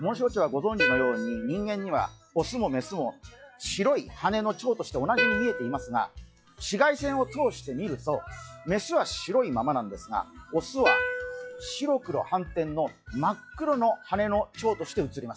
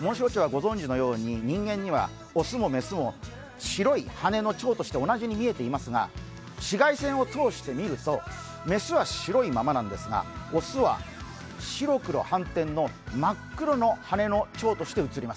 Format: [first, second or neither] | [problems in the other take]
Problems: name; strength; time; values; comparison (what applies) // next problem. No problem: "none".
second | noise reduction (classical method log-MMSE)